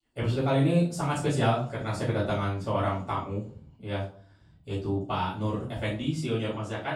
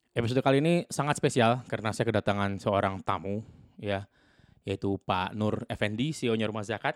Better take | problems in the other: second | off-mic speech; far // room echo; noticeable; dies away in 0.4 s

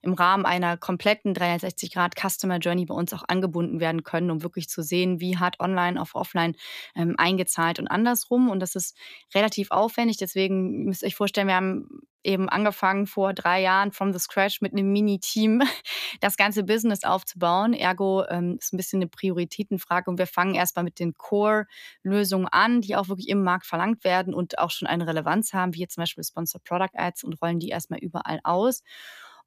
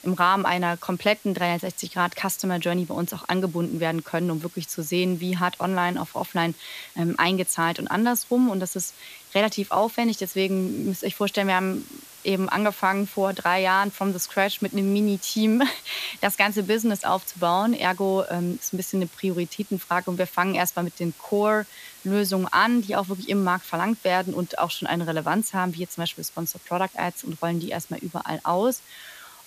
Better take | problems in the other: first | hiss; faint; throughout; 20 dB below the speech

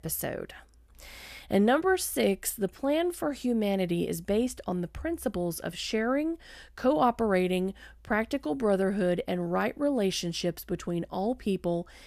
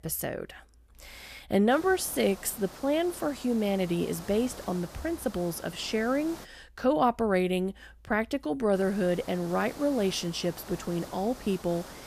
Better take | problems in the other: first | hiss; noticeable; from 1.5 to 6.5 s and from 8.5 s on; 15 dB below the speech

